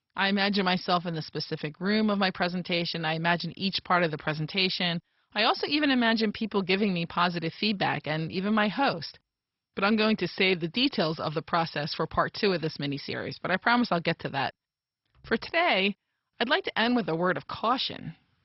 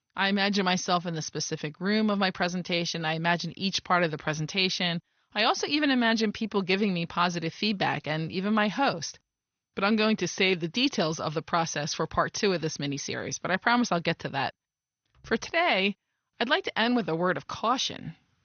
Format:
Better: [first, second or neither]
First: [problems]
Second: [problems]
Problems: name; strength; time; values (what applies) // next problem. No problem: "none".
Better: second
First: garbled, watery; badly; nothing above 5.5 kHz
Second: garbled, watery; slightly; nothing above 6.5 kHz